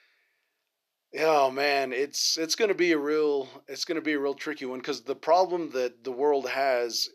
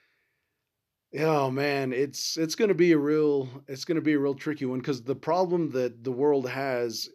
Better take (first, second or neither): second